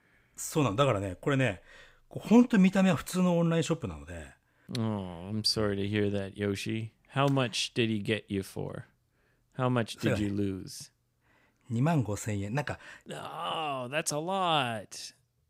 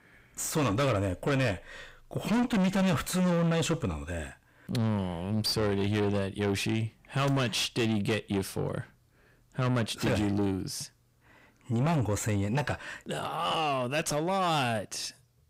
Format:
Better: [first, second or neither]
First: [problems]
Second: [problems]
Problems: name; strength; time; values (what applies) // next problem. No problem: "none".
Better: first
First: none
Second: distortion; heavy; 5 dB below the speech